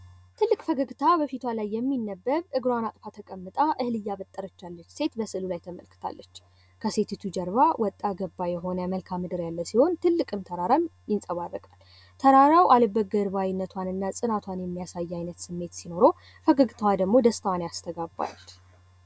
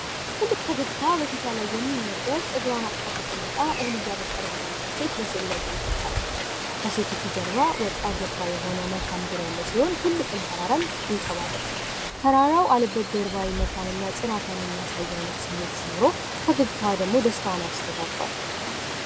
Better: first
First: none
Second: background sound (Rain); 3 dB below the speech

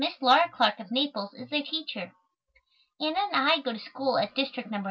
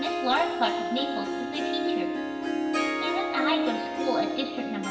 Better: first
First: none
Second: background sound (Harp); 2 dB above the speech // room echo; dies away in 1.7 s

